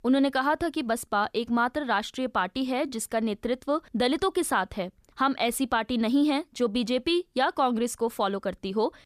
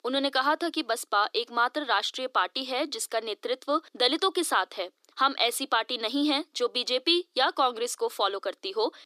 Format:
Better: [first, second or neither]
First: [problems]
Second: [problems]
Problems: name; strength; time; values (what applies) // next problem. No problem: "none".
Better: first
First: none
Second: thin; somewhat; fading below 300 Hz